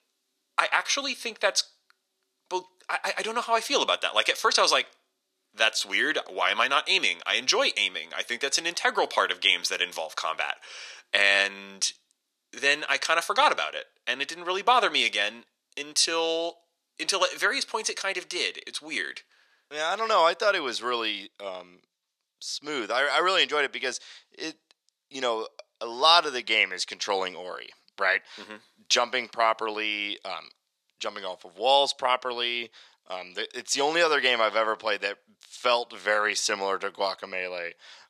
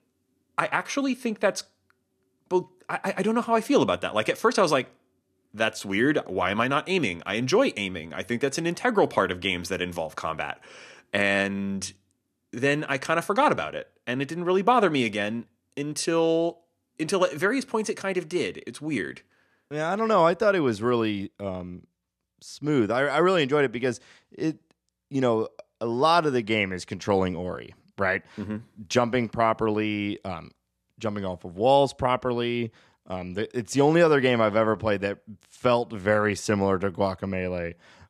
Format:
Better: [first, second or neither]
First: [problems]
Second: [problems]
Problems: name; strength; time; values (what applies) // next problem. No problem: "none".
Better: second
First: thin; very; fading below 650 Hz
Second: none